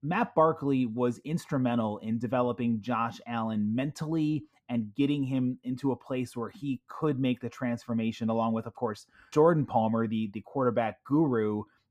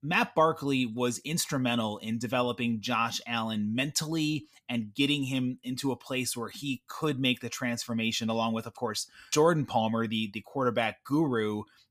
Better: second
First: muffled; very; fading above 2 kHz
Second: none

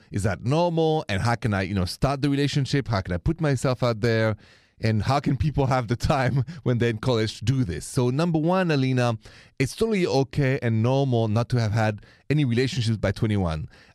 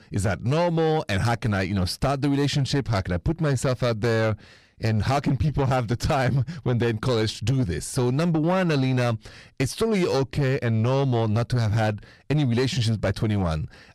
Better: first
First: none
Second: distortion; slight; 10 dB below the speech

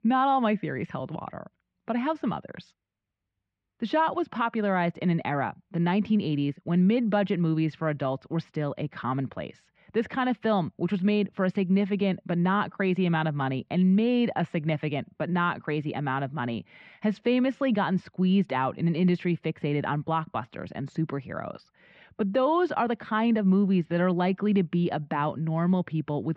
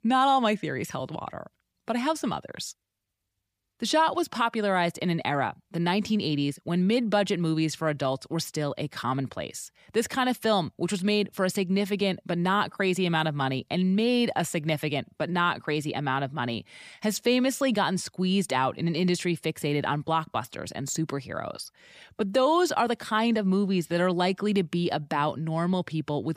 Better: second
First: muffled; very; fading above 2.5 kHz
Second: none

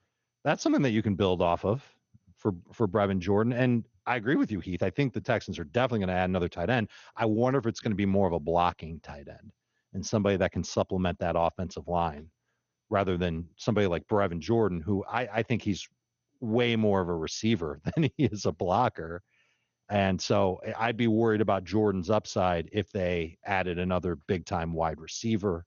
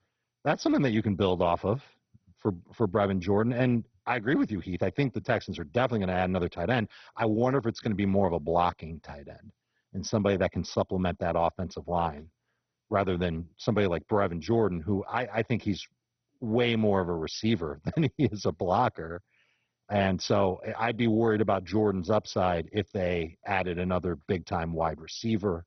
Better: first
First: garbled, watery; slightly; nothing above 6.5 kHz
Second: garbled, watery; badly; nothing above 6 kHz

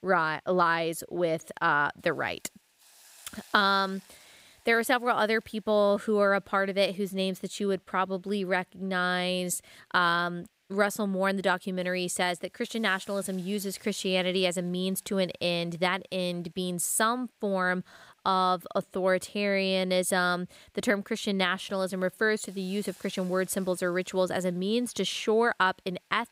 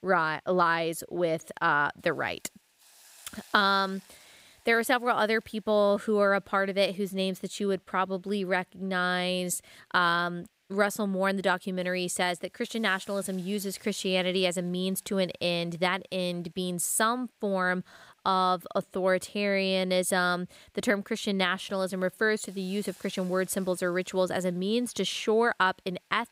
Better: neither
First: hiss; faint; throughout; 30 dB below the speech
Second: hiss; faint; throughout; 30 dB below the speech

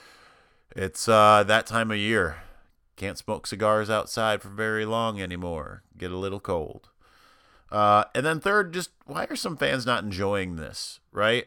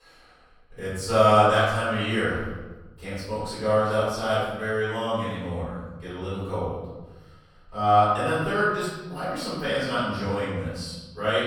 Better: first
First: none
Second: off-mic speech; far // room echo; strong; dies away in 1.3 s

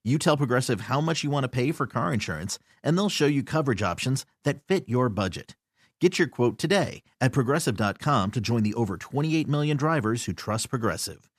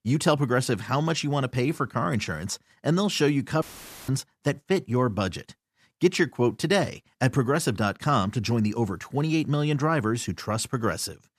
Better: first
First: none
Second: audio cutting out; filled with static; at 3.5 s

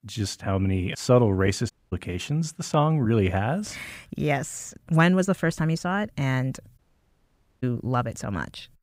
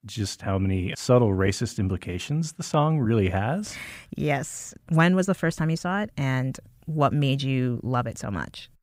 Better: second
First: audio cutting out; at 1.5 s and at 7 s for 1 s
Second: none

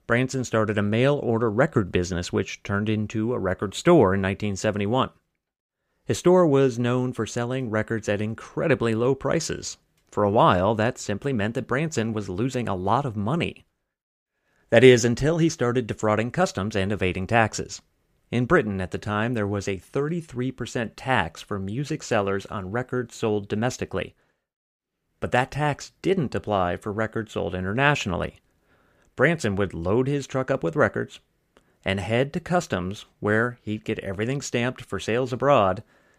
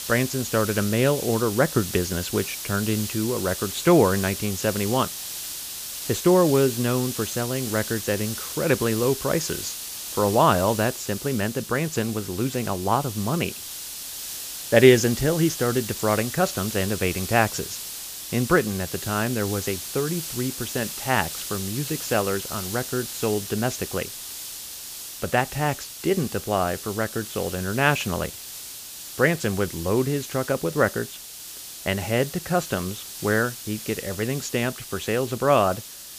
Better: first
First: none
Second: hiss; loud; throughout; 8 dB below the speech

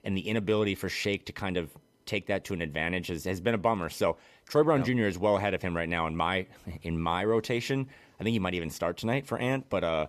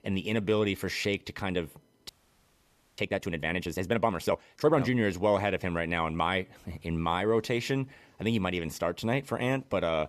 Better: first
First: none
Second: audio freezing; at 2 s for 1 s

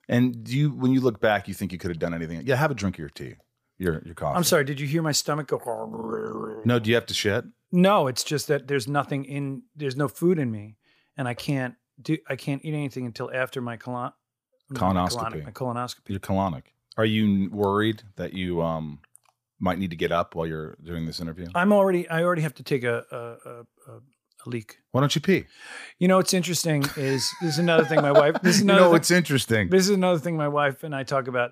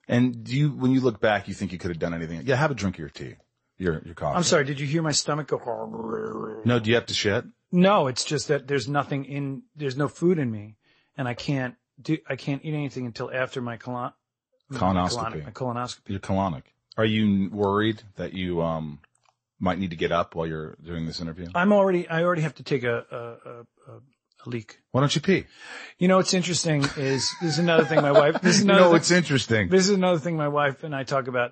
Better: first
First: none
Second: garbled, watery; slightly; nothing above 8 kHz

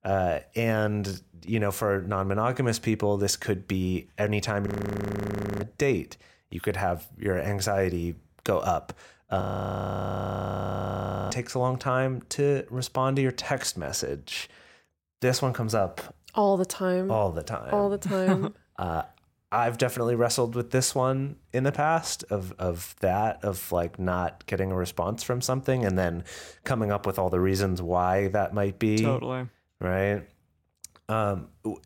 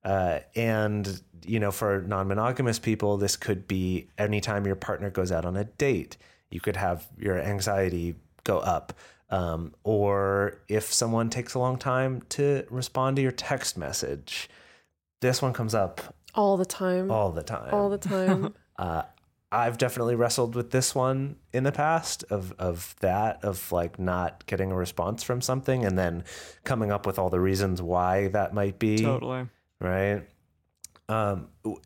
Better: second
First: audio freezing; at 4.5 s for 1 s and at 9.5 s for 2 s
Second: none

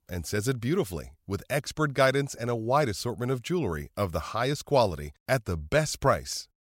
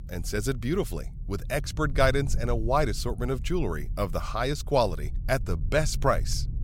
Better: first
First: none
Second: low rumble; faint; throughout; 25 dB below the speech

